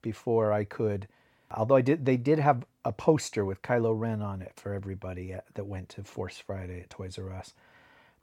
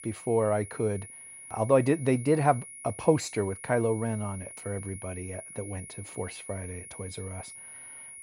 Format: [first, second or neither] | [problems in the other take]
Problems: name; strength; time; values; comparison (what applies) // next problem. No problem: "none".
first | high-pitched whine; noticeable; throughout; 10.5 kHz, 15 dB below the speech